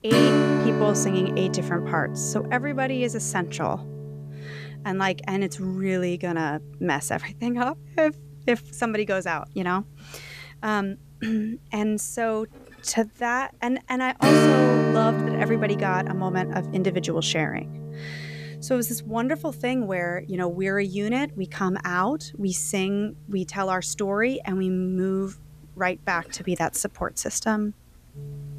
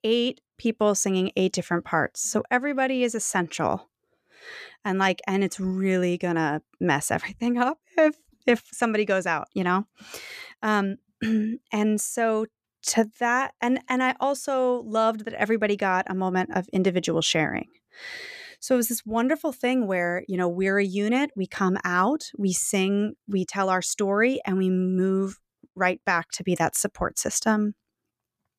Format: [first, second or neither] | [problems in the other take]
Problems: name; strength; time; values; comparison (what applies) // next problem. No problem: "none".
second | background music; very loud; throughout; as loud as the speech